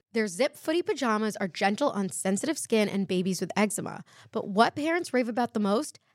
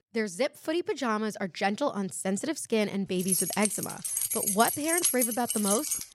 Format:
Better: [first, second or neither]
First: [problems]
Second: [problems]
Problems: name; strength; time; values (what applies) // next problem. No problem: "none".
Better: first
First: none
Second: jangling keys; loud; from 3 s on; peak 5 dB above the speech